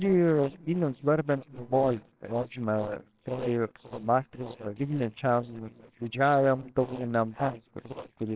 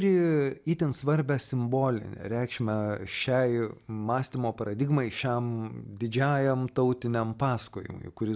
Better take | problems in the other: second | noise reduction (neural separator model SepFormer WHAMR!)

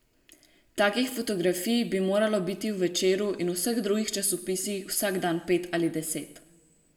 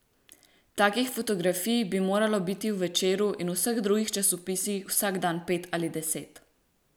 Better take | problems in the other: second | room echo; dies away in 0.9 s

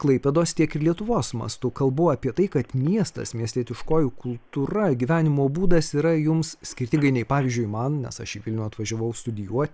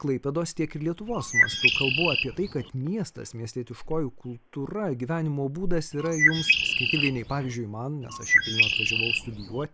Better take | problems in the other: first | background sound (Bird); 5 dB above the speech

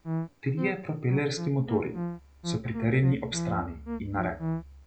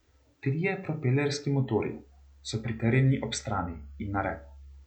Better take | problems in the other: second | background sound (Musical instrument); 6 dB below the speech

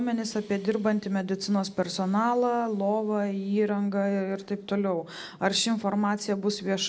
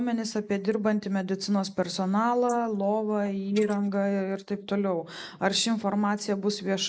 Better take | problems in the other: first | noise reduction (neural mask model Resemble Enhance denoiser)

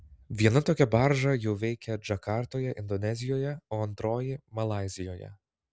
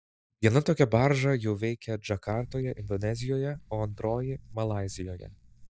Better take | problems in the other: first | noise reduction (neural mask model DeepFilterNet 3)

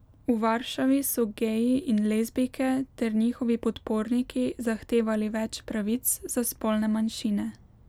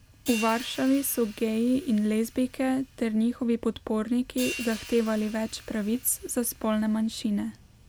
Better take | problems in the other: first | background sound (Hi-hat); 16 dB below the speech

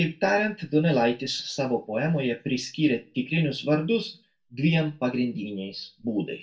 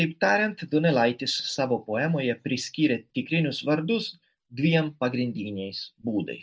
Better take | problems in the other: second | room echo; dies away in 0.2 s

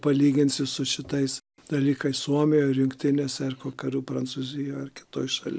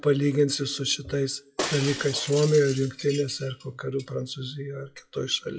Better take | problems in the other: first | noise reduction (classical method WPE with log-MMSE)

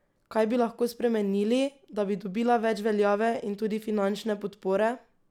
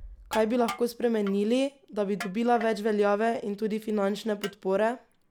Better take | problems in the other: first | background sound (Crushing + Bass drum); 17 dB below the speech

